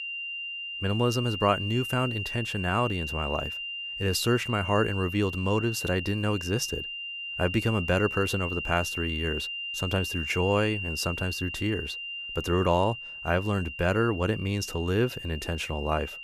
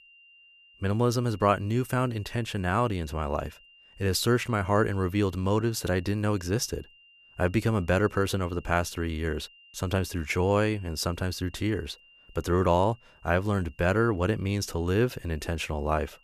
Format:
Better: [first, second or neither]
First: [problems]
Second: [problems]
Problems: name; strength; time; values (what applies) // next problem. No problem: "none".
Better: second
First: high-pitched whine; loud; throughout; 3 kHz, 5 dB below the speech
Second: high-pitched whine; faint; throughout; 3 kHz, 25 dB below the speech